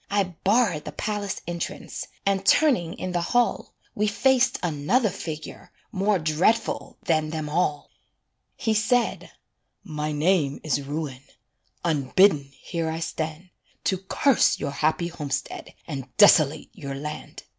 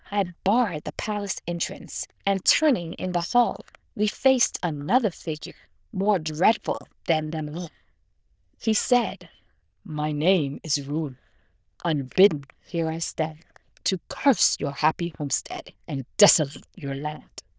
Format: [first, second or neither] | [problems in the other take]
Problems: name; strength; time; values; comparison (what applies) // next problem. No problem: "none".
first | noise reduction (neural diffusion model UNIVERSE++)